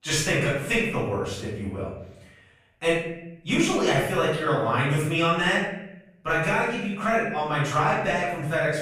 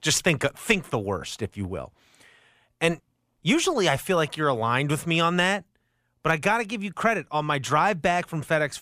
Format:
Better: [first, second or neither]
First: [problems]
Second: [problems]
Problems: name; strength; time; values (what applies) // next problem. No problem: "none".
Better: second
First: off-mic speech; far // room echo; noticeable; dies away in 0.8 s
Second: none